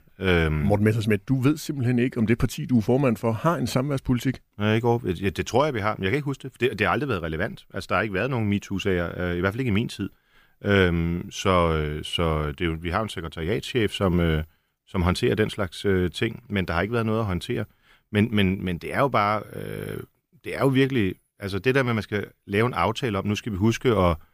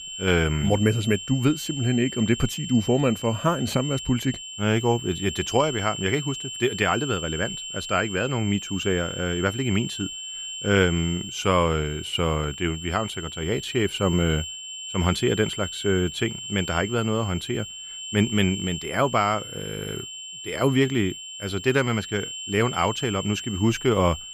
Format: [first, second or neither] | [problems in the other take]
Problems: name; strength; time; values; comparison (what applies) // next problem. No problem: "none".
first | high-pitched whine; loud; throughout; 3 kHz, 8 dB below the speech